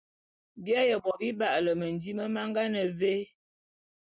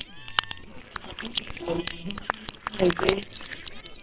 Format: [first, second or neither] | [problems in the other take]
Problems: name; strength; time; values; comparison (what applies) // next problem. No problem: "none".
first | noise reduction (neural separator model SepFormer WHAMR!)